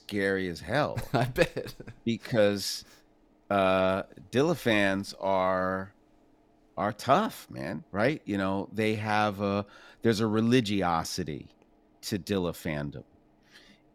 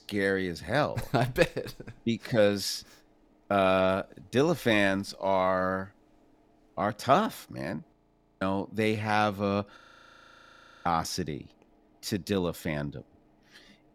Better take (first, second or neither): first